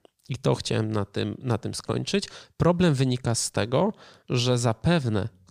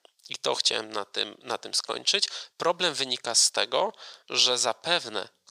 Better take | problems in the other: first | thin; very; fading below 650 Hz

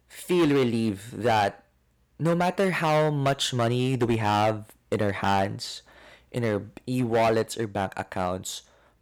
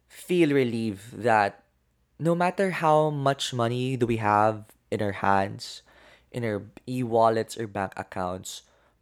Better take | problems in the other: second | distortion; heavy; 7% of the sound clipped

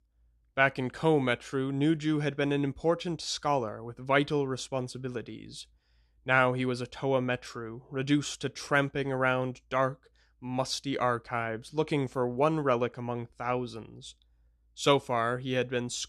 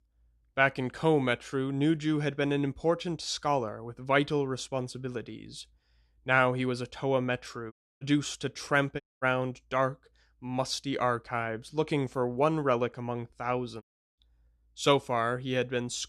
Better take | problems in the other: first | audio cutting out; at 7.5 s, at 9 s and at 14 s

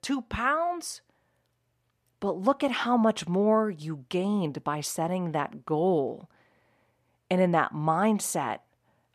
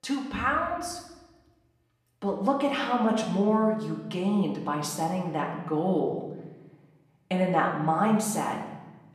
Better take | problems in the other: first | room echo; noticeable; dies away in 1 s // off-mic speech; far

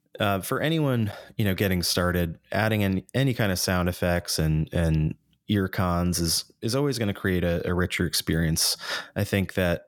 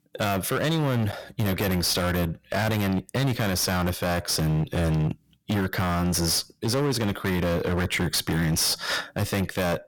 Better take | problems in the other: first | distortion; heavy; 26% of the sound clipped

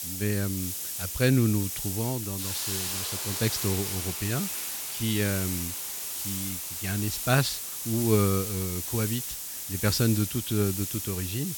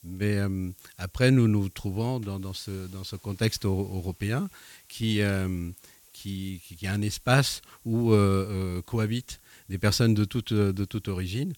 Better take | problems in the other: second | hiss; loud; throughout; 2 dB below the speech; faint in the second

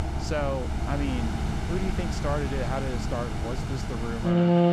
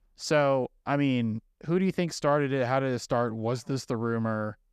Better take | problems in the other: second | background music; very loud; throughout; 4 dB above the speech

